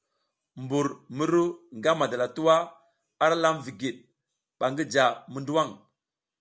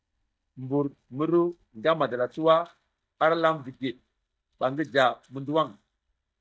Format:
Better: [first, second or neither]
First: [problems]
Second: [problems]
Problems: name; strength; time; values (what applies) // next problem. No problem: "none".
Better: first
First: none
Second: noise reduction (neural mask model DeepFilterNet 3)